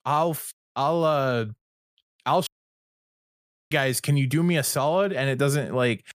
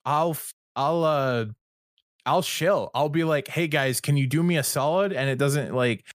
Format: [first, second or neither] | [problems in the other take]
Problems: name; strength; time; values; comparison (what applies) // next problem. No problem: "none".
second | audio cutting out; at 2.5 s for 1 s